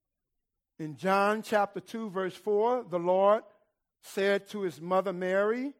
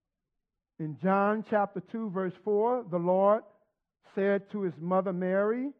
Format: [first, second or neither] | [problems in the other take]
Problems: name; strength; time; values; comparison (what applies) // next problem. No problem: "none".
first | muffled; very; fading above 1.5 kHz